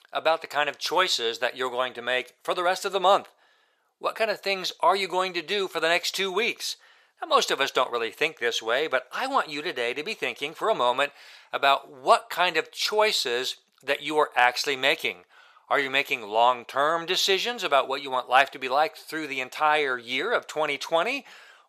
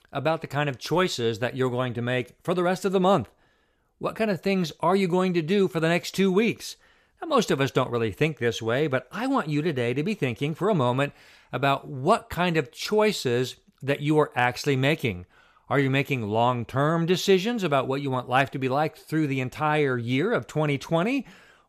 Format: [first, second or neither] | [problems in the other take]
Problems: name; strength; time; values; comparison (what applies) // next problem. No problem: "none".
second | thin; very; fading below 700 Hz